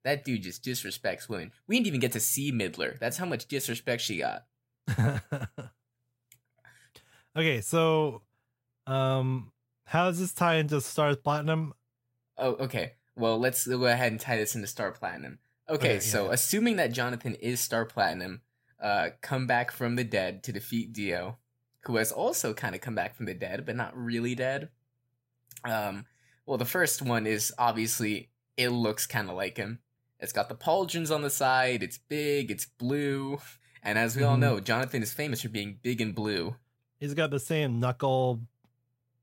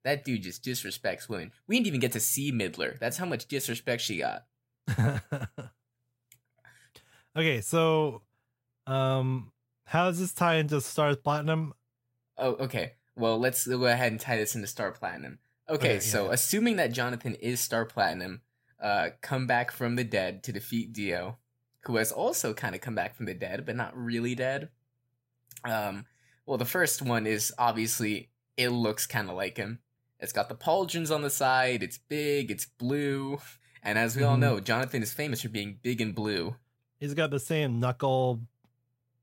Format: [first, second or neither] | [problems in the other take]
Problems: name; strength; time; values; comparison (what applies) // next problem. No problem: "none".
neither | none